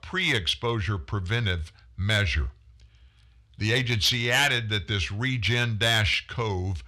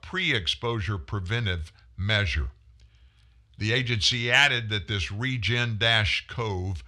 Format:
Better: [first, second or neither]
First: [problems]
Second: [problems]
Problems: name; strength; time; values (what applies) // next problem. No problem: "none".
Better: second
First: distortion; slight; 1.8% of the sound clipped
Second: none